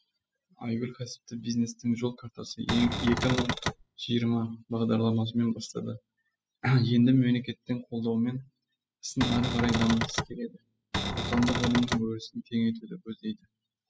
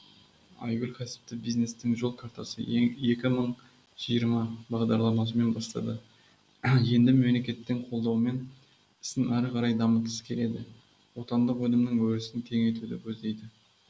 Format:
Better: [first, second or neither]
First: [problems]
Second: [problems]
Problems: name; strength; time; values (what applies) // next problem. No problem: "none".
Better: second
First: noise reduction (classical method spectral subtraction)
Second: none